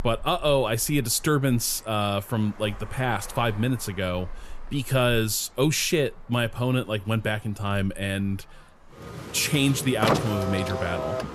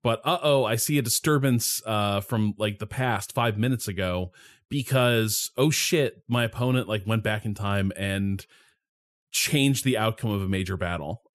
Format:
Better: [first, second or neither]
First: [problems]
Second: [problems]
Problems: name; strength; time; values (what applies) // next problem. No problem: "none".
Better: second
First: traffic noise; loud; throughout; 8 dB below the speech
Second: none